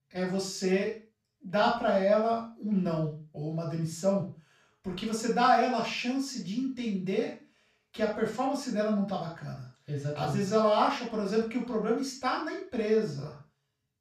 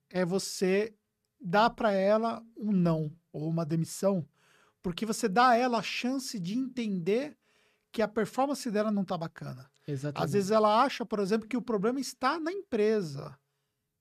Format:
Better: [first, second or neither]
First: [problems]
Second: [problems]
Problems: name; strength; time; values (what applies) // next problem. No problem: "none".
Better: second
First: room echo; noticeable; dies away in 0.3 s // off-mic speech; far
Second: none